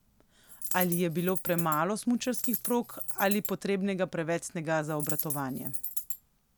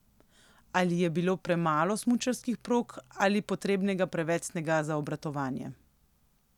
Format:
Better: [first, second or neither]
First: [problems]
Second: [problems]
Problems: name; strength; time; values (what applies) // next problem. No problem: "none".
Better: second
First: background sound (Coin (dropping)); 5 dB below the speech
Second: none